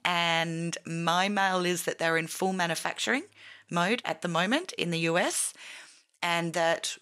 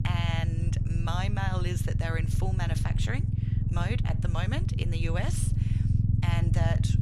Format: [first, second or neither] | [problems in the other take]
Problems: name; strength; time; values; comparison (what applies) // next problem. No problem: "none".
first | low rumble; loud; throughout; 5 dB below the speech